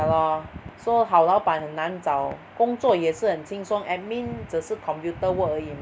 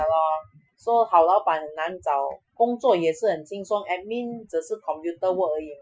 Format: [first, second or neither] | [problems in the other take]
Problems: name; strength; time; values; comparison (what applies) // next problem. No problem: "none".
first | noise reduction (classical method Wiener filter)